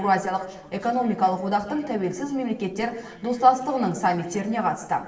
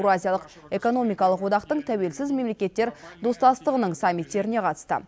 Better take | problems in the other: second | room echo; dies away in 0.8 s

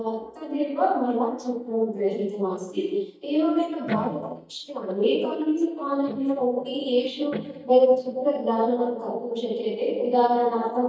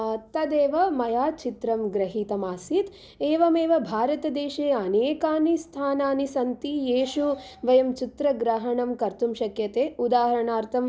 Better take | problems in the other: second | noise reduction (neural mask model DeepFilterNet 3)

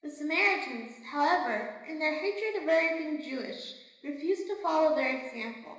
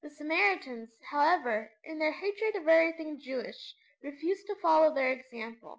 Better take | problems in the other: second | room echo; dies away in 1 s

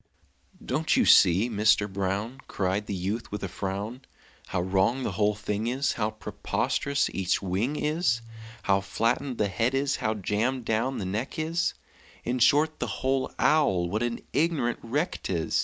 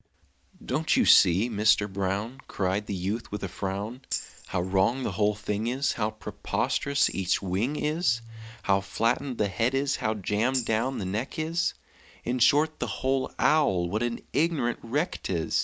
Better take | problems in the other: first | background sound (Tambourine); 13 dB below the speech

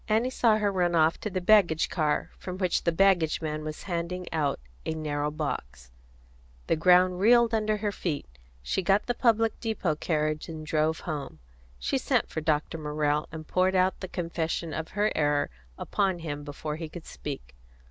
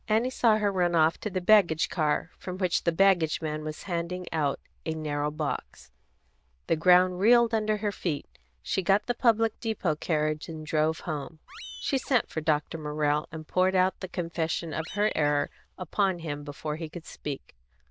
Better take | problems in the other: first | noise reduction (neural diffusion model UNIVERSE++)

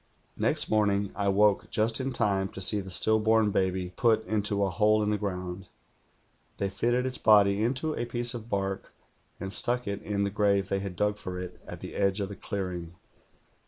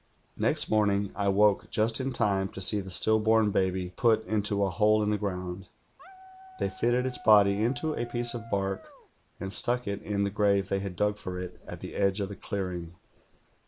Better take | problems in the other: first | background sound (Dog); 20 dB below the speech

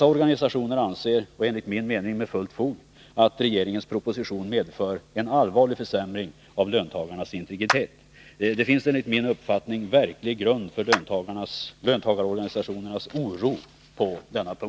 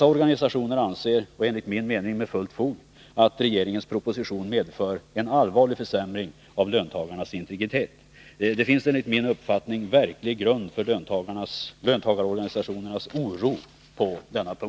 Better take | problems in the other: second | background sound (Clapping); 7 dB below the speech

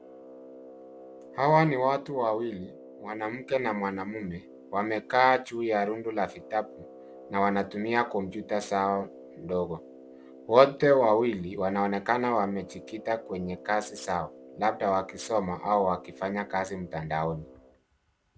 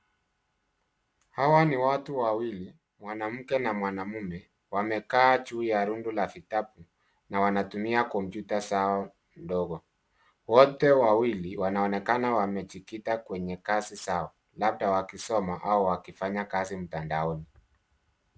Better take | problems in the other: second | background sound (Brass instrument); 20 dB below the speech

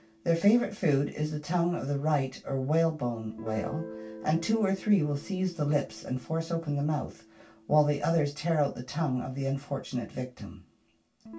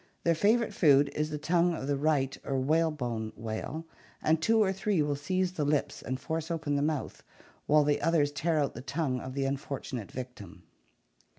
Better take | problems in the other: second | background sound (Guitar); 19 dB below the speech // room echo; dies away in 0.2 s

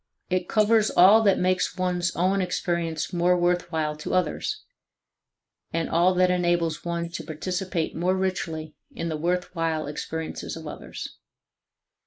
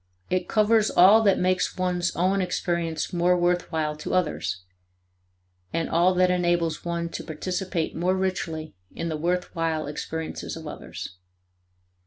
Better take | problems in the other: second | noise reduction (neural mask model Resemble Enhance denoiser)

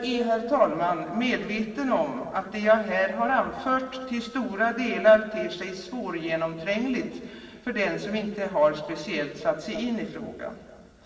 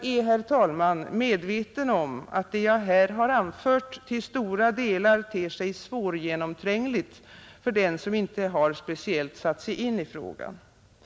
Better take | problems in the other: second | room echo; dies away in 2.3 s

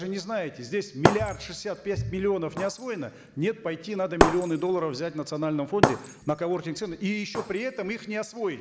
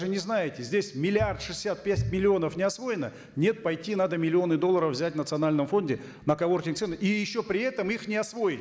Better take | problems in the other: second | background sound (Shatter); 2 dB below the speech

